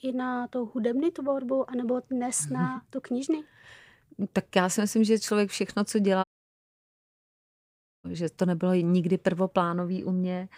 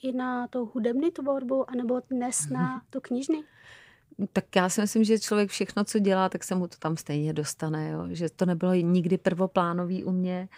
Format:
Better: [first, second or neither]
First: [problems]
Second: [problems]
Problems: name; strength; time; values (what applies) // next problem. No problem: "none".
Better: second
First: audio cutting out; at 6 s for 2 s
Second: none